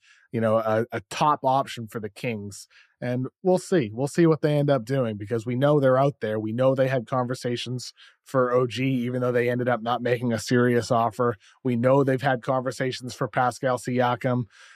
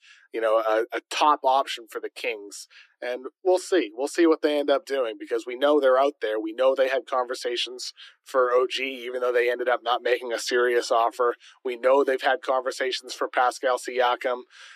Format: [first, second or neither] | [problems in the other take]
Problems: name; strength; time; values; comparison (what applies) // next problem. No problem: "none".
first | thin; very; fading below 300 Hz